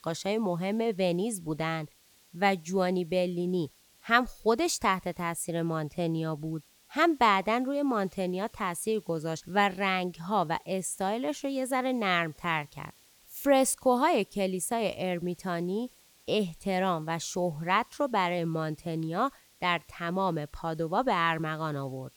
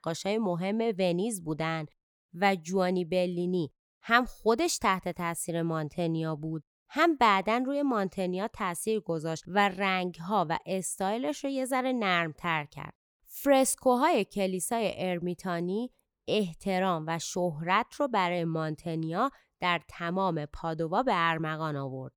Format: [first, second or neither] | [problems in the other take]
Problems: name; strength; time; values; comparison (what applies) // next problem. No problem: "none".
second | hiss; faint; throughout; 30 dB below the speech